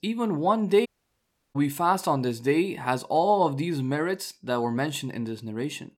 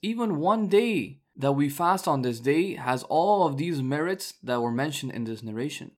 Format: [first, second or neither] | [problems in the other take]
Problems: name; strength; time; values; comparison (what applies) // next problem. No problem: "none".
second | audio cutting out; at 1 s for 0.5 s